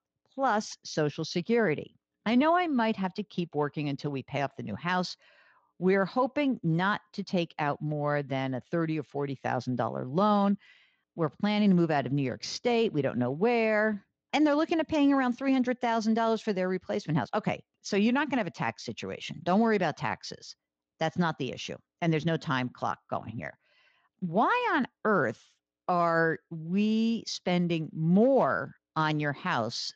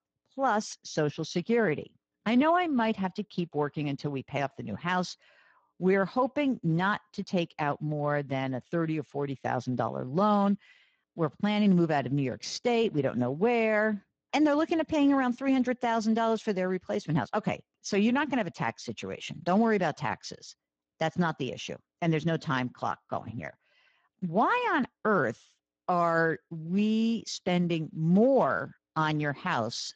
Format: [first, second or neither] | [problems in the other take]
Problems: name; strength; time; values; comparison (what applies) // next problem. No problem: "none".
first | garbled, watery; badly; slightly in the first